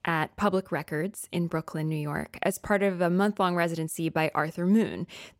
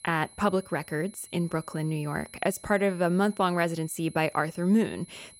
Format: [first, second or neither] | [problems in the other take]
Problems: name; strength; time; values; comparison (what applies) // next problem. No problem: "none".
first | high-pitched whine; faint; throughout; 10.5 kHz, 20 dB below the speech